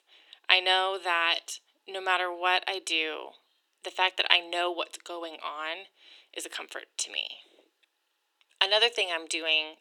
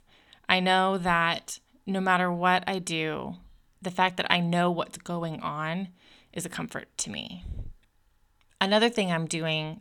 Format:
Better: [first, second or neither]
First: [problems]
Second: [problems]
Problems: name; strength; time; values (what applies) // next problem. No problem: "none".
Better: second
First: thin; very; fading below 350 Hz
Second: none